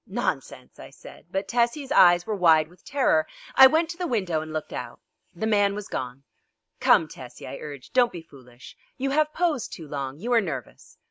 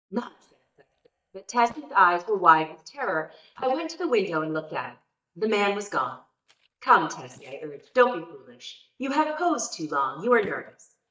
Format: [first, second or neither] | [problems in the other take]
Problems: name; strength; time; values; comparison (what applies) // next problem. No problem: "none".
first | noise reduction (neural mask model DeepFilterNet 3)